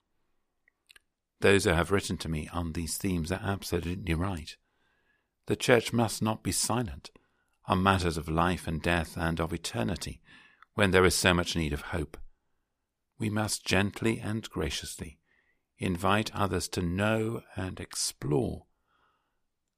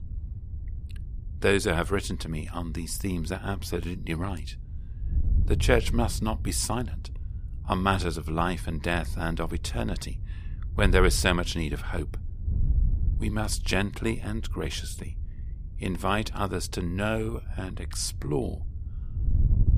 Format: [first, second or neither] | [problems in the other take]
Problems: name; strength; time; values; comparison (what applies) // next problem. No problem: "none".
first | wind noise on the microphone; occasional gusts; 20 dB below the speech